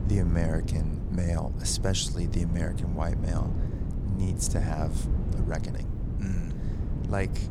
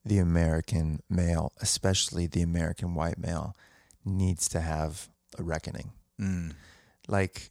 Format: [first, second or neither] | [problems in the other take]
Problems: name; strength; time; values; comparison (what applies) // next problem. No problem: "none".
second | wind noise on the microphone; heavy; 7 dB below the speech